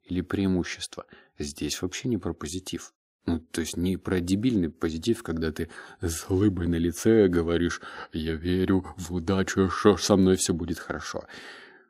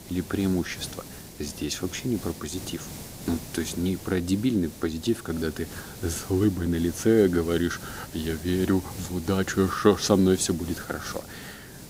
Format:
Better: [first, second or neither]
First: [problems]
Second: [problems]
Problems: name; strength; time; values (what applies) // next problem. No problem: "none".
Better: first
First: none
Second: hiss; noticeable; throughout; 15 dB below the speech